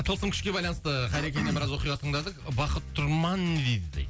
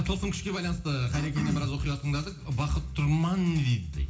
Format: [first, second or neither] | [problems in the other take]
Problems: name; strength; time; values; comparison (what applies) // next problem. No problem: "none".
first | room echo; dies away in 0.4 s